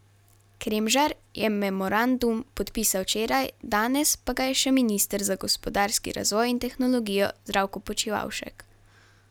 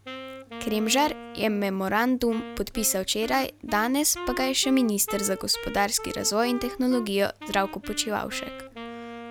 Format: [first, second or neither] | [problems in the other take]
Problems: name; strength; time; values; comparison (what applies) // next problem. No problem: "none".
first | background sound (Wind instrument, woodwind instrument); 13 dB below the speech